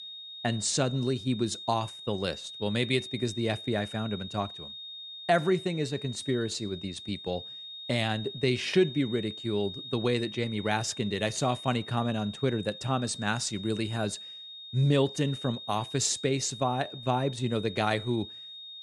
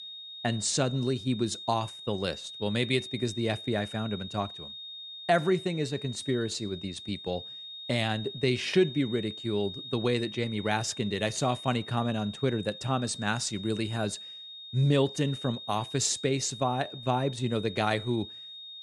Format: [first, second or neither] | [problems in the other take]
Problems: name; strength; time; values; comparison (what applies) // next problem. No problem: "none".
neither | high-pitched whine; noticeable; throughout; 3.5 kHz, 10 dB below the speech; the same in both